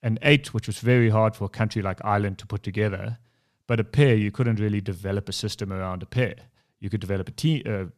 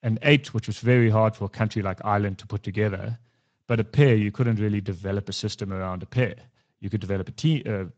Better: first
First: none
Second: garbled, watery; slightly; nothing above 7.5 kHz

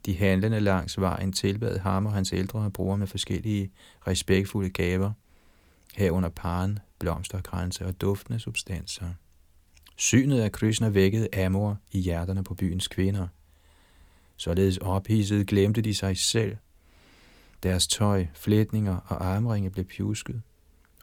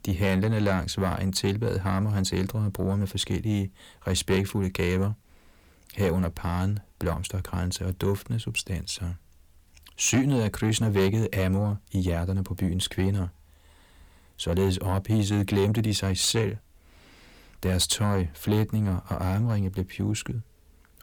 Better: first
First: none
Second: distortion; slight; 10 dB below the speech

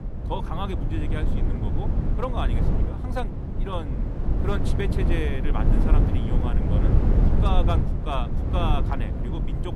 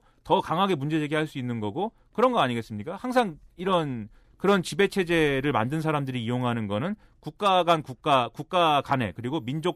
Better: second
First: low rumble; loud; throughout; 2 dB below the speech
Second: none

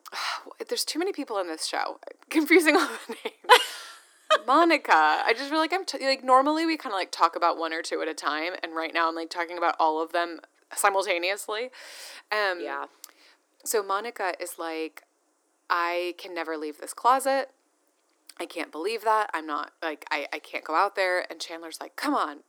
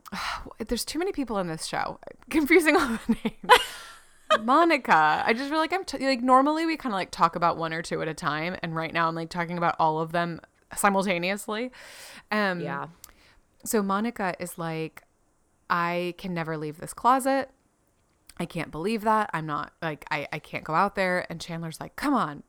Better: second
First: thin; somewhat; fading below 300 Hz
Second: none

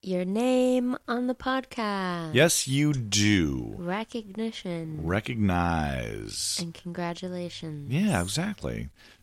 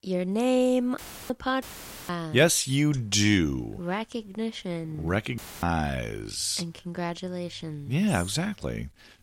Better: first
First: none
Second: audio cutting out; filled with static; at 1 s, at 1.5 s and at 5.5 s

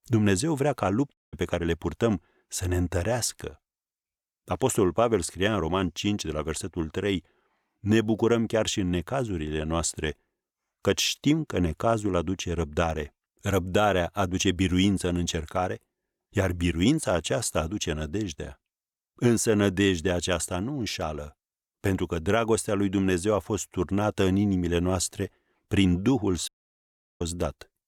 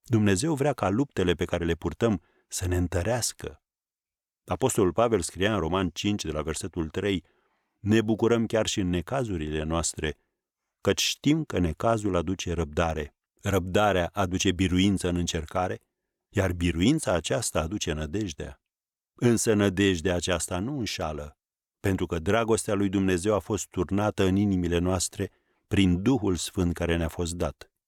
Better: second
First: audio cutting out; at 1 s and at 26 s for 0.5 s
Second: none

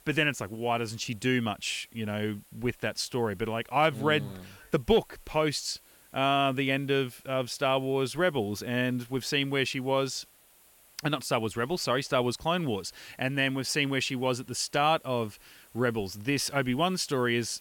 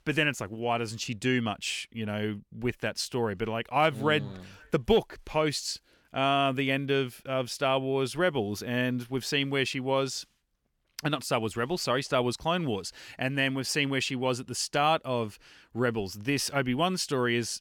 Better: second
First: hiss; faint; throughout; 25 dB below the speech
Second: none

